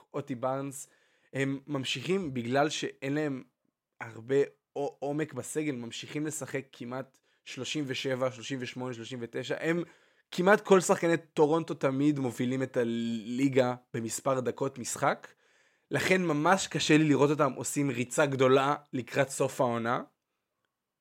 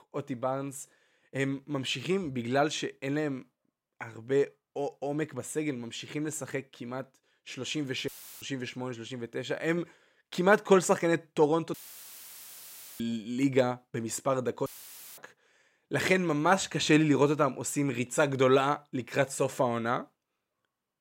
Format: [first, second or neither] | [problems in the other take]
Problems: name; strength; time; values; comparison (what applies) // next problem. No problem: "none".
first | audio cutting out; filled with static; at 8 s, at 12 s for 1.5 s and at 15 s for 0.5 s